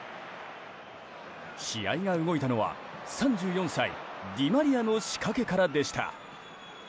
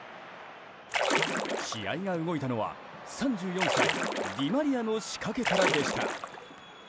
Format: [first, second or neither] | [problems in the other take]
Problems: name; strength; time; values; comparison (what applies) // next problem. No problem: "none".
first | background sound (Splash, splatter); 2 dB above the speech